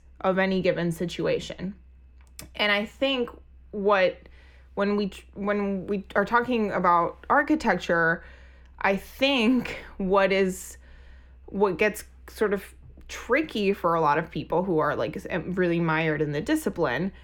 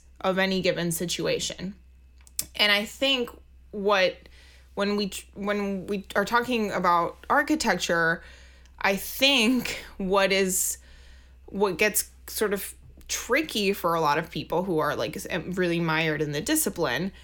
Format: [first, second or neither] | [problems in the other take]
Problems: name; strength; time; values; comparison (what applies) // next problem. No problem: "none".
second | muffled; slightly; fading above 3.5 kHz